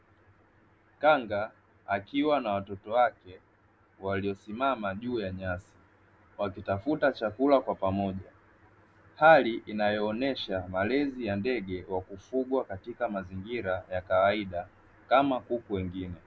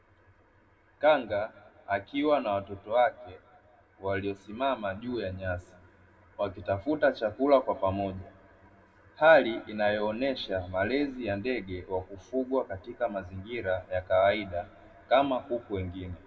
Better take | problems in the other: first | room echo; dies away in 1.5 s

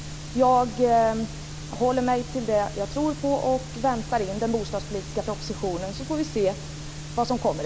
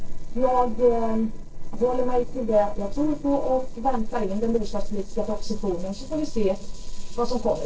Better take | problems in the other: first | noise reduction (neural separator model SepFormer DNS4)

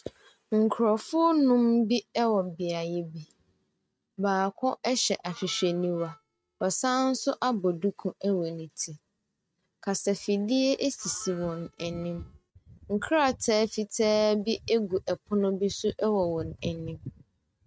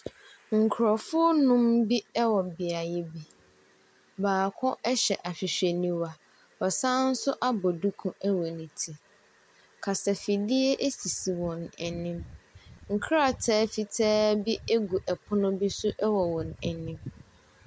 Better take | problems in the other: second | noise reduction (neural mask model RNNoise)

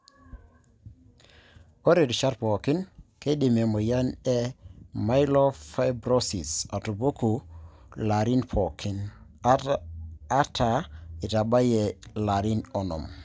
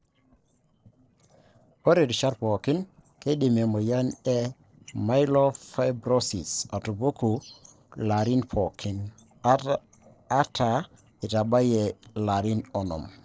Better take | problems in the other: first | noise reduction (neural separator model SepFormer DNS4)

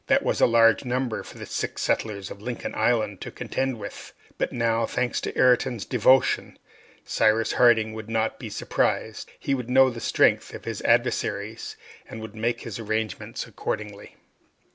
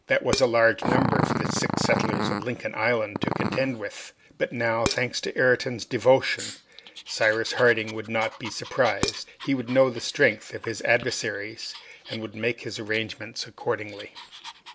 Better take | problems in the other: first | background sound (Dishes, pots, and pans + Growling); 6 dB below the speech

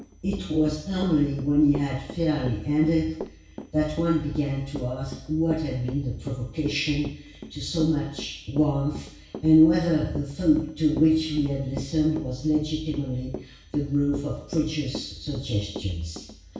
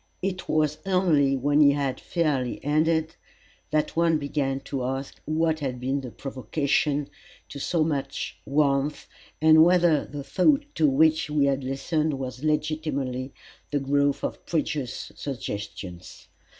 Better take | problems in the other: second | background sound (Walk, footsteps / Run); 16 dB below the speech // room echo; dies away in 0.6 s

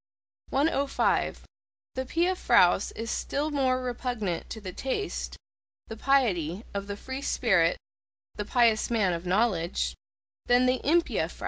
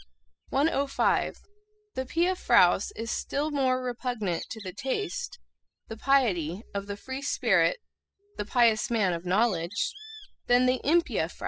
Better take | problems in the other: first | noise reduction (classical method spectral subtraction)

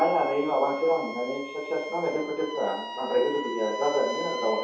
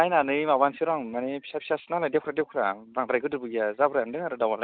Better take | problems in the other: second | background sound (Wind instrument, woodwind instrument); 10 dB below the speech // room echo; dies away in 0.7 s

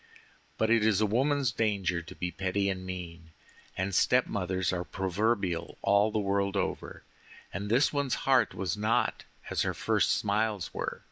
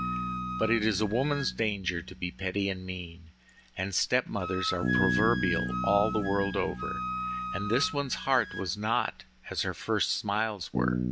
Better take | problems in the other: first | background sound (Wind instrument, woodwind instrument + Bass guitar); 4 dB below the speech

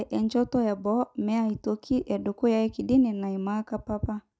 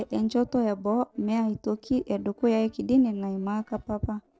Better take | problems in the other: first | noise reduction (neural separator model SepFormer DNS4)

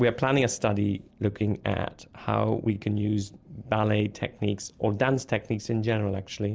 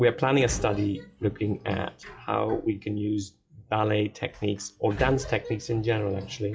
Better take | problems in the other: first | noise reduction (classical method WPE with log-MMSE)

